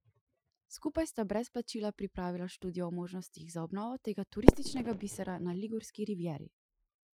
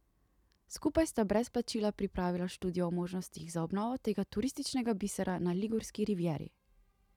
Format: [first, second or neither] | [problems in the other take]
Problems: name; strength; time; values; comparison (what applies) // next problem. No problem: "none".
second | noise reduction (classical method Wiener filter)